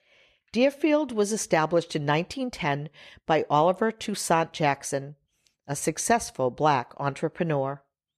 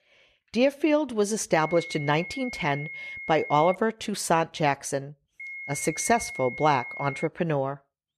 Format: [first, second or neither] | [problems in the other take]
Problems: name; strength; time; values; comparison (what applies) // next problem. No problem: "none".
first | high-pitched whine; noticeable; from 1.5 to 4 s and from 5.5 to 7.5 s; 2 kHz, 10 dB below the speech